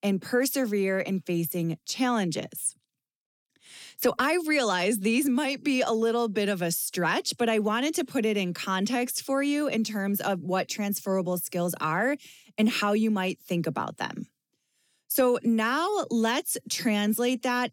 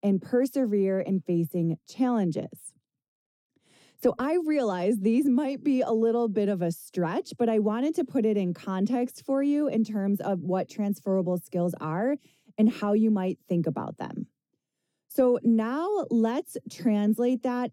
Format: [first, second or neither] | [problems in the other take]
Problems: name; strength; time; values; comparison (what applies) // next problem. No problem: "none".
first | muffled; slightly; fading above 1 kHz